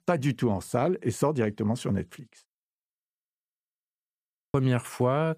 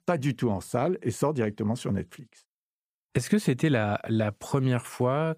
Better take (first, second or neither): second